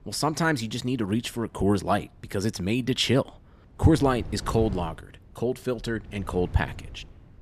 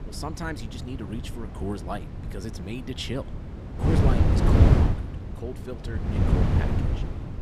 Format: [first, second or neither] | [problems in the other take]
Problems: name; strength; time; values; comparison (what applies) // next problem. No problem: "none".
first | wind noise on the microphone; heavy; 5 dB above the speech; occasional gusts in the first